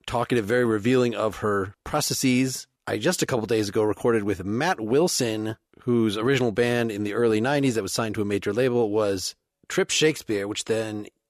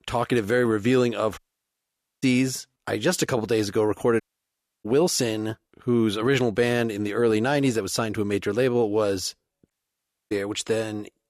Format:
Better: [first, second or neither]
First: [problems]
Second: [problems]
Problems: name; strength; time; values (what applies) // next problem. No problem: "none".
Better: first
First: none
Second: audio cutting out; at 1.5 s for 1 s, at 4 s for 0.5 s and at 9.5 s for 0.5 s